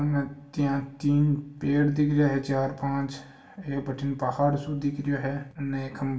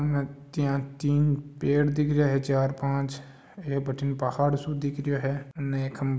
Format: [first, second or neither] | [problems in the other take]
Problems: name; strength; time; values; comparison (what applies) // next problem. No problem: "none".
second | room echo; dies away in 0.2 s